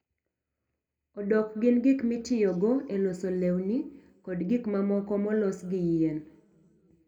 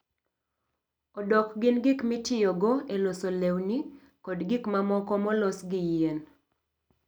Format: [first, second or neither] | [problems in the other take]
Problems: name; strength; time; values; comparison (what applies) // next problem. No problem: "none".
second | room echo; dies away in 1.8 s